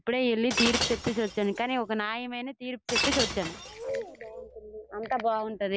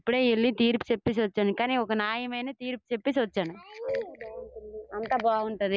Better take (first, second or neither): second